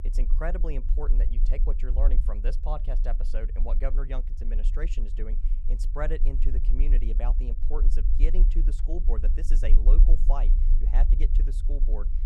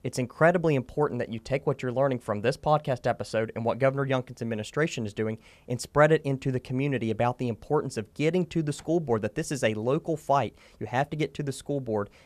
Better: second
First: low rumble; noticeable; throughout; 10 dB below the speech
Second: none

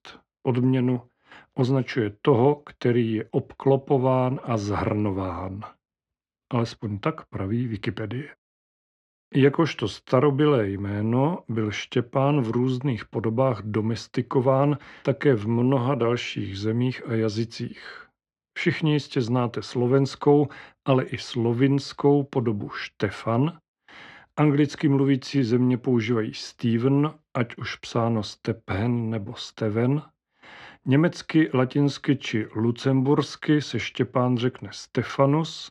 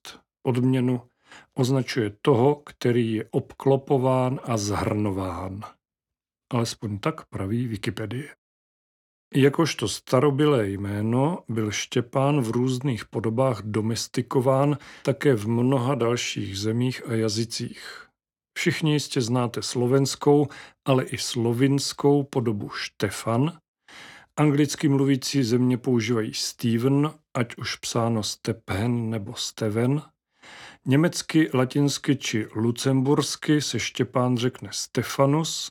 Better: second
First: muffled; slightly; fading above 3 kHz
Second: none

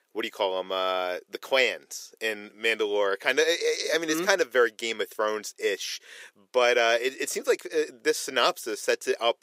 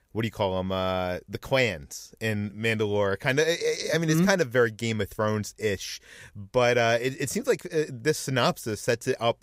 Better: second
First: thin; very; fading below 350 Hz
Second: none

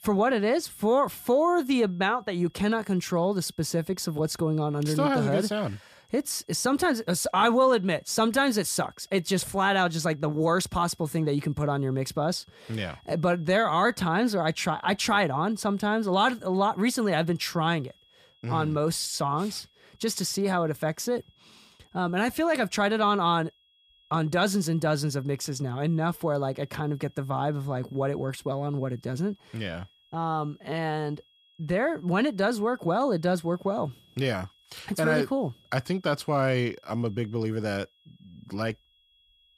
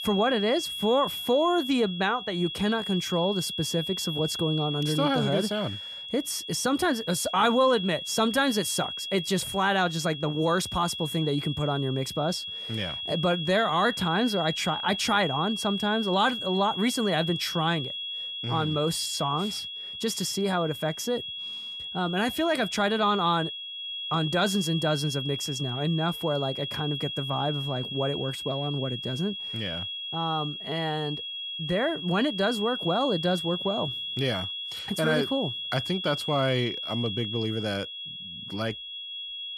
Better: first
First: high-pitched whine; faint; throughout; 3.5 kHz, 35 dB below the speech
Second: high-pitched whine; loud; throughout; 3.5 kHz, 5 dB below the speech

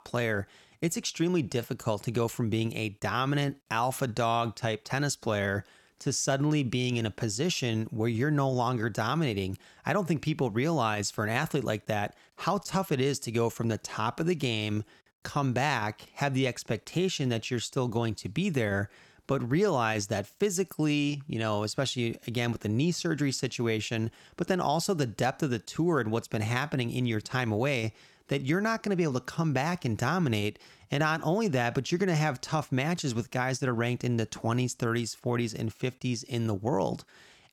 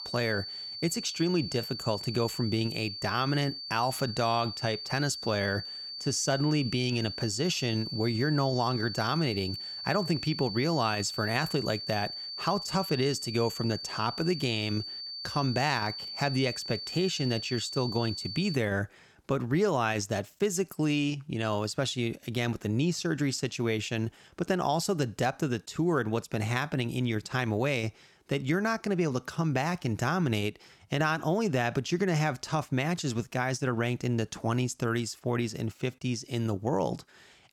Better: first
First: none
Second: high-pitched whine; loud; until 19 s; 4.5 kHz, 7 dB below the speech

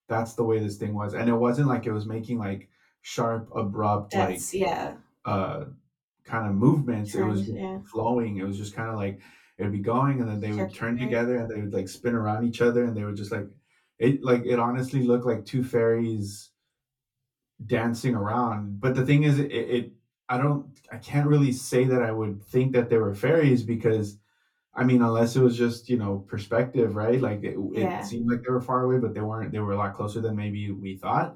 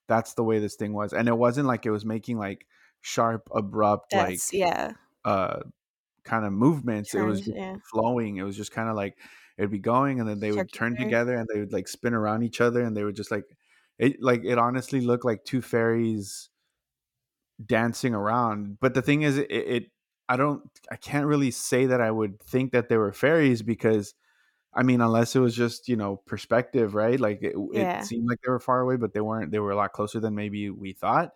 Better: second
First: off-mic speech; far // room echo; very slight; dies away in 0.2 s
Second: none

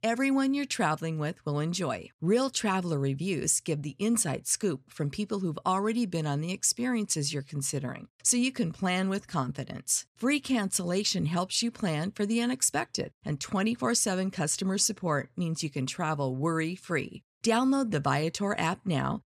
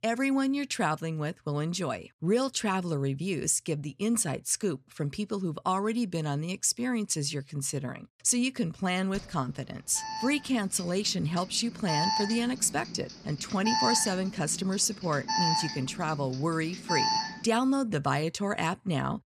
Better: first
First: none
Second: alarm; loud; from 9 to 17 s; peak 3 dB above the speech

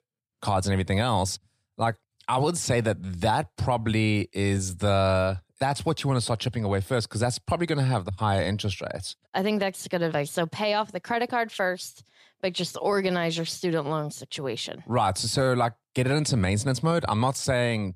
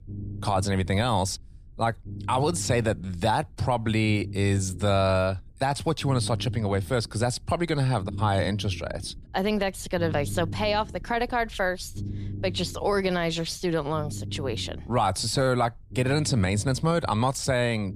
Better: first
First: none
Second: low rumble; faint; throughout; 20 dB below the speech

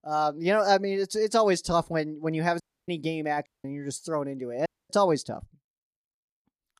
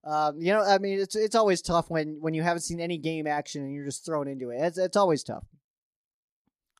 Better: second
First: audio cutting out; at 2.5 s, at 3.5 s and at 4.5 s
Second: none

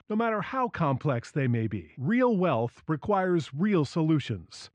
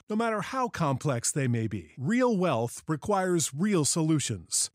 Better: second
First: muffled; very; fading above 3 kHz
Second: none

